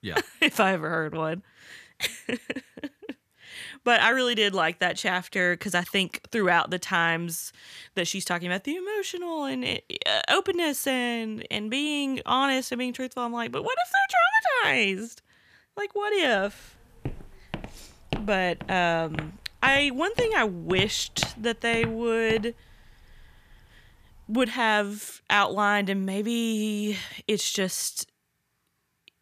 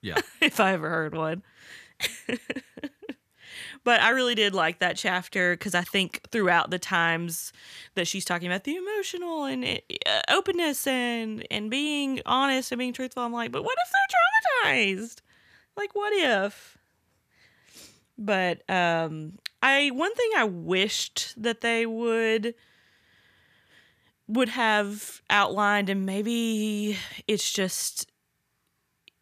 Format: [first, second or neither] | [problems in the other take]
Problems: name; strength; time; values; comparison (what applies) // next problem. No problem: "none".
second | footsteps; noticeable; from 17 to 22 s; peak 8 dB below the speech